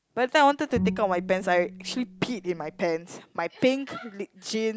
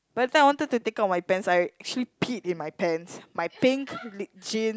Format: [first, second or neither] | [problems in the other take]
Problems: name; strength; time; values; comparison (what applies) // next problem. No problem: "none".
second | background sound (Bowed string instrument); 8 dB below the speech